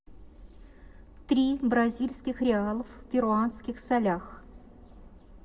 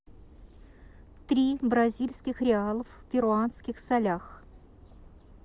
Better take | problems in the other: second | room echo; dies away in 1 s

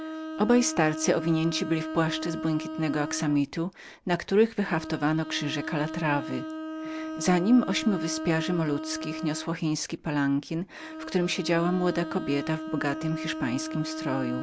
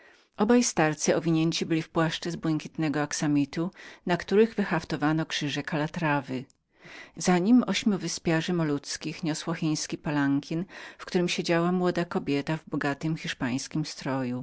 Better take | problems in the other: second | background sound (Bowed string instrument); 9 dB below the speech

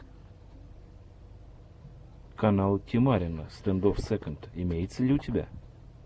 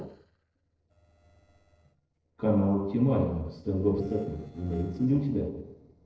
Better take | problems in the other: first | noise reduction (neural separator model SepFormer DNS4)

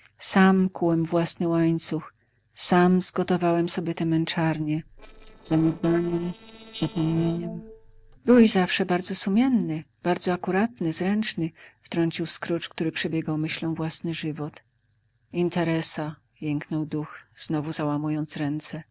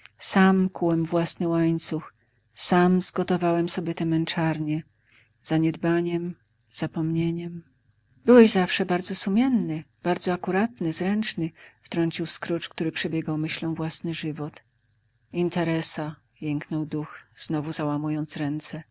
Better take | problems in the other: second | noise reduction (neural separator model SepFormer DNS4)

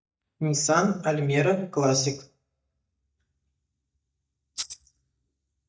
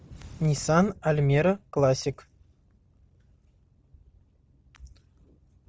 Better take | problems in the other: second | noise reduction (neural mask model DeepFilterNet 3)

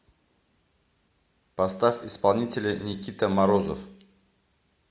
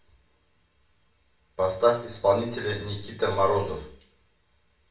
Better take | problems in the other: first | room echo; dies away in 0.3 s

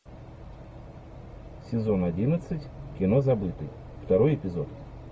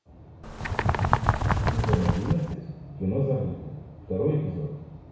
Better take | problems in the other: first | background sound (Bird); 5 dB above the speech // room echo; dies away in 1.1 s

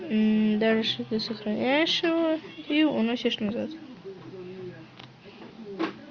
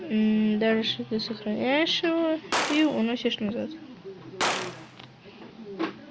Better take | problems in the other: first | background sound (Gunshot, gunfire); 7 dB below the speech

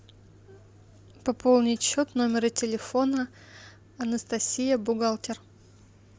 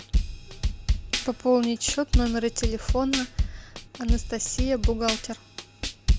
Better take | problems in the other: first | background sound (Drum kit); 1 dB above the speech

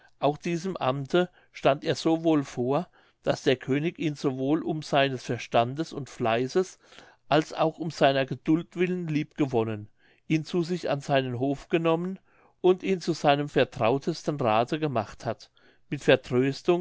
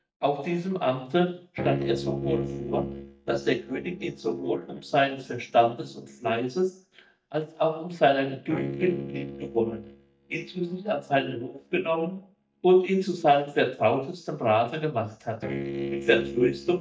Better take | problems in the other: first | noise reduction (neural mask model DeepFilterNet 3)

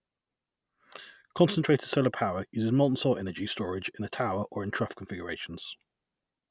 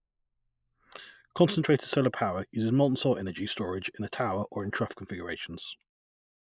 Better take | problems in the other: first | noise reduction (neural mask model Resemble Enhance denoiser)

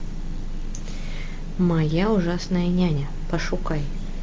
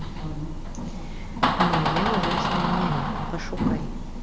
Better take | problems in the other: first | background sound (Door); 3 dB above the speech

